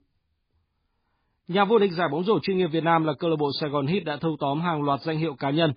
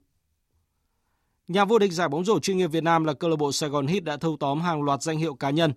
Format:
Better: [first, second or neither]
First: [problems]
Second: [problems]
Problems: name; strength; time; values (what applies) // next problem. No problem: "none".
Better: second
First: garbled, watery; badly; nothing above 5 kHz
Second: none